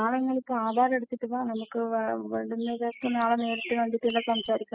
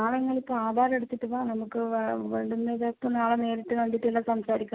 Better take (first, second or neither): second